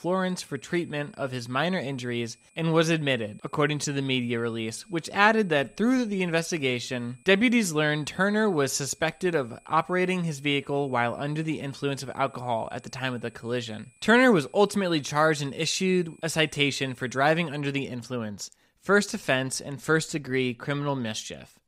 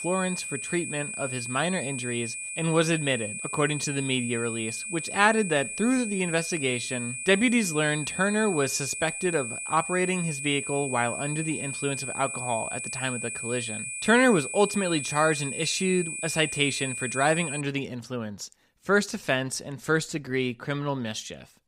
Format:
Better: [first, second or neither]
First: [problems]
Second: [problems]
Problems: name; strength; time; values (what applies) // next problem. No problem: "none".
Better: first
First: high-pitched whine; faint; until 18 s; 2.5 kHz, 30 dB below the speech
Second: high-pitched whine; loud; until 18 s; 2.5 kHz, 5 dB below the speech